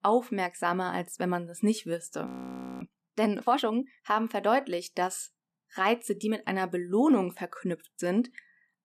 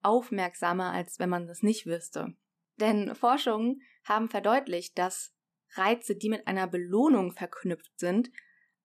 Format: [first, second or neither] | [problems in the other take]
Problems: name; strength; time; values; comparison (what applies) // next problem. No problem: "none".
second | audio freezing; at 2.5 s for 0.5 s